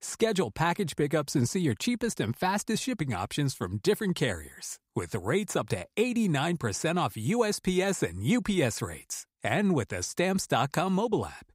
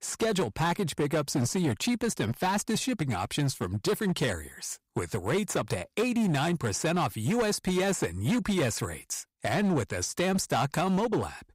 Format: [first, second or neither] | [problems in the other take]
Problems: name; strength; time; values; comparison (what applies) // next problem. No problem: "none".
first | distortion; slight; 12% of the sound clipped